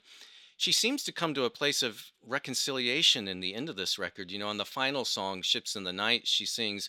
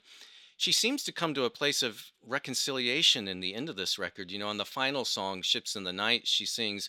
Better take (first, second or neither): neither